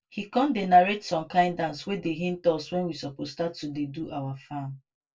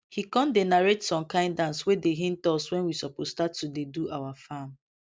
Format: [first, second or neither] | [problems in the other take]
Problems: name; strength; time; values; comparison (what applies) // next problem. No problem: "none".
second | room echo; dies away in 0.1 s